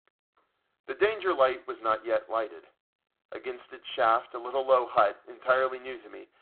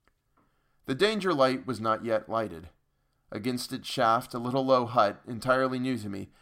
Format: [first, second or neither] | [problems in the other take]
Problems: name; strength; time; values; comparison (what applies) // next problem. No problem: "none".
second | phone-call audio; poor line